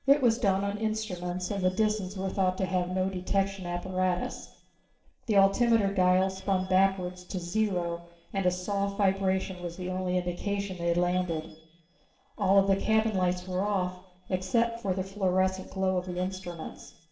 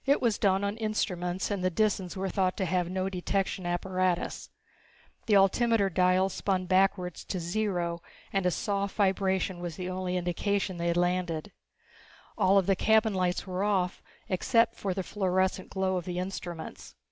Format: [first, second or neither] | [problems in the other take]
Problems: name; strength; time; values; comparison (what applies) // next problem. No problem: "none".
second | noise reduction (neural separator model SepFormer DNS4)